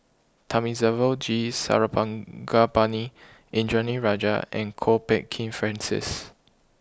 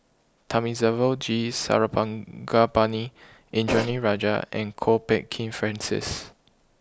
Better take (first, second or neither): first